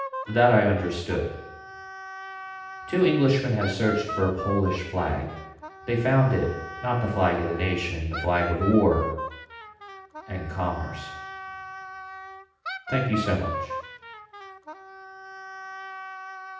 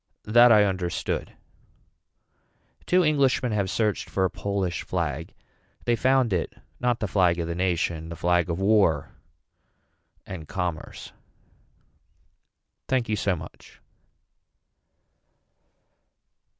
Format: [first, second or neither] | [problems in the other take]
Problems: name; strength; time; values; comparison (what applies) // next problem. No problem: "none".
second | background sound (Wind instrument, woodwind instrument); 10 dB below the speech // room echo; dies away in 0.8 s